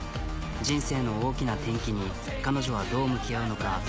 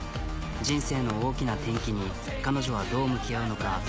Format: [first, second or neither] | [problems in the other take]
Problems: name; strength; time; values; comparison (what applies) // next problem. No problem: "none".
first | background sound (Tools); 20 dB below the speech